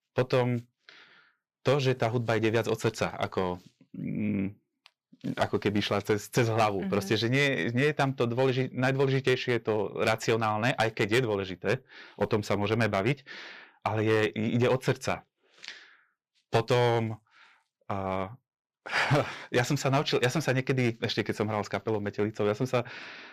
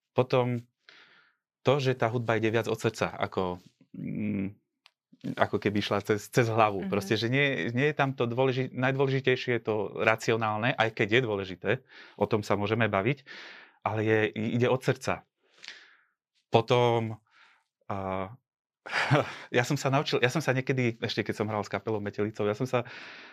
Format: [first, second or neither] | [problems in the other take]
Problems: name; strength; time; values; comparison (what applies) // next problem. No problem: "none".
second | distortion; slight; 3% of the sound clipped